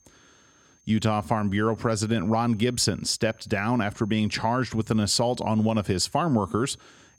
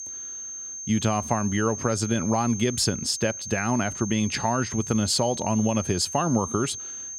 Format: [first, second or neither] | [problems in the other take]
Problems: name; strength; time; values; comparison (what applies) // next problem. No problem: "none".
first | high-pitched whine; loud; throughout; 6.5 kHz, 8 dB below the speech; faint in the first